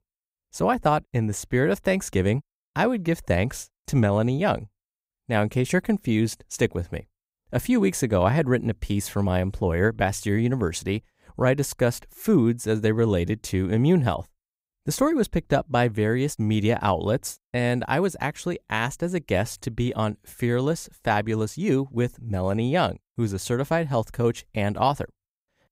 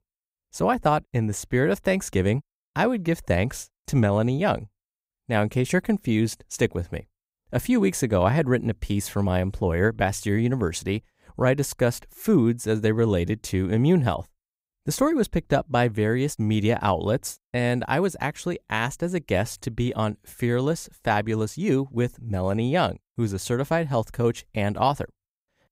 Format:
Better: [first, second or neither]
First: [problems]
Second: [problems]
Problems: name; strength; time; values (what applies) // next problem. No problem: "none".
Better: neither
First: none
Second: none